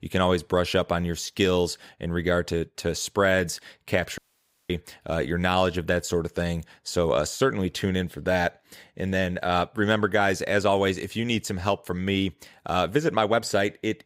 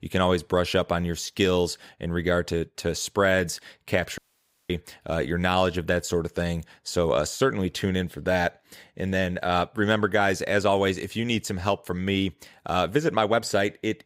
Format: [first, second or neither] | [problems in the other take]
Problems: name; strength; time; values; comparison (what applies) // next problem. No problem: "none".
neither | audio cutting out; at 4 s for 0.5 s; the same in both